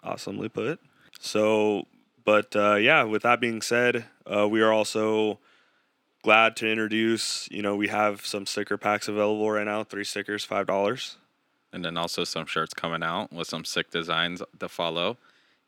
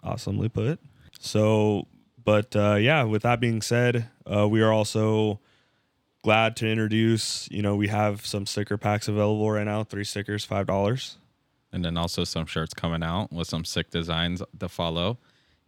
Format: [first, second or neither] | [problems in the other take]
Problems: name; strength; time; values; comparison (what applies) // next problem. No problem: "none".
second | thin; somewhat; fading below 300 Hz